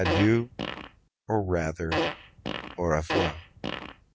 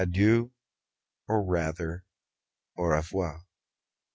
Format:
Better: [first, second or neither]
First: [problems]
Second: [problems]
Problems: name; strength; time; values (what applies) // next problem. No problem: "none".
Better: second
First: background sound (Fart); 3 dB below the speech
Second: none